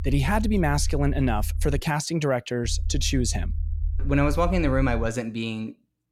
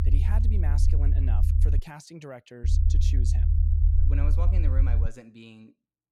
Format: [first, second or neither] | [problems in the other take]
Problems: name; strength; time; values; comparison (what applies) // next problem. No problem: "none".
first | low rumble; loud; until 2 s and from 2.5 to 5 s; as loud as the speech; faint in the first